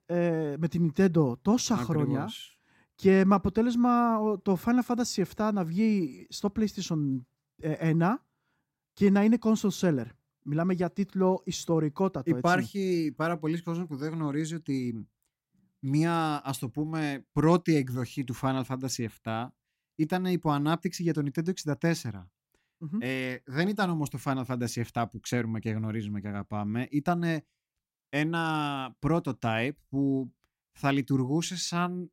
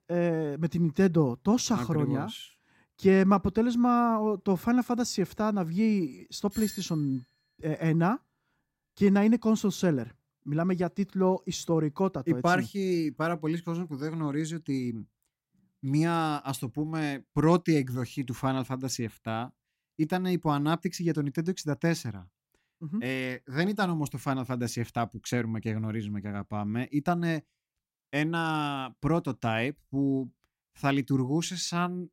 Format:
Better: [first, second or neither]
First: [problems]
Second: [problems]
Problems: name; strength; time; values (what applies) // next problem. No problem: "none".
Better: first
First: none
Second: doorbell; faint; at 6.5 s; peak 10 dB below the speech